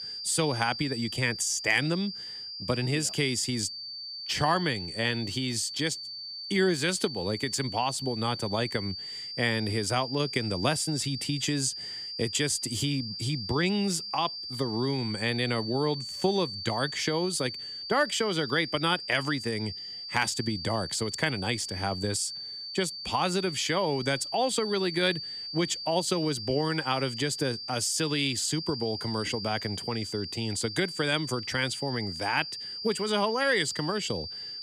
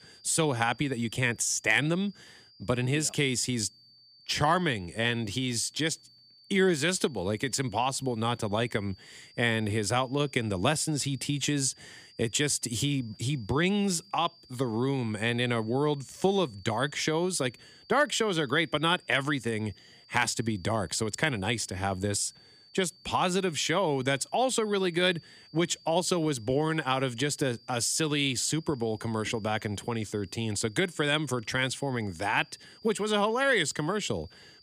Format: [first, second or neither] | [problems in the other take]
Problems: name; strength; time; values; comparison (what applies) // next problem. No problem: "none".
second | high-pitched whine; loud; throughout; 4.5 kHz, 7 dB below the speech; faint in the second